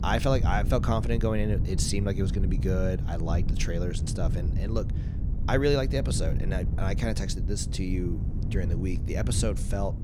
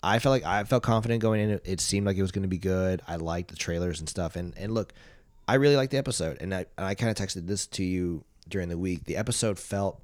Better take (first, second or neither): second